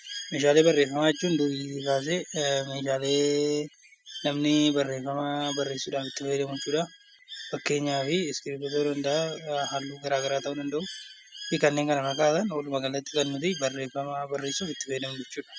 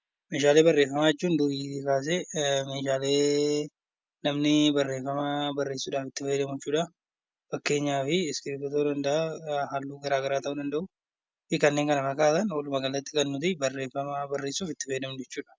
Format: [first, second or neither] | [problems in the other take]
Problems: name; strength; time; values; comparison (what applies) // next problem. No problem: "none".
second | background sound (Bird); 14 dB below the speech